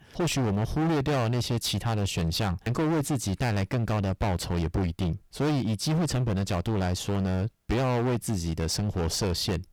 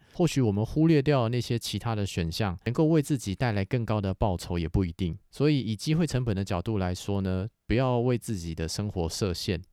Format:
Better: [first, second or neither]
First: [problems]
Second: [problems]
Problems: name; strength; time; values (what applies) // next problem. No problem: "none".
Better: second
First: distortion; heavy; 27% of the sound clipped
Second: none